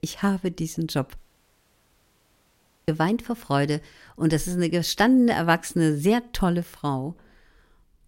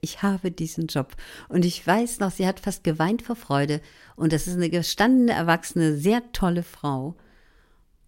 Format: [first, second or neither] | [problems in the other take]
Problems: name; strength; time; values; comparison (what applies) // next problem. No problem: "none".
second | audio cutting out; at 1 s for 1.5 s